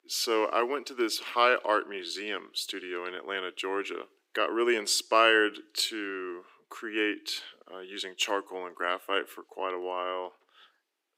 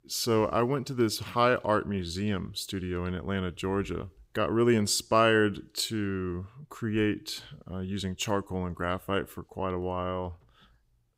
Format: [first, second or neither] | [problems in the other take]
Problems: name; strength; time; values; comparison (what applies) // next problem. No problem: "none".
second | thin; very; fading below 300 Hz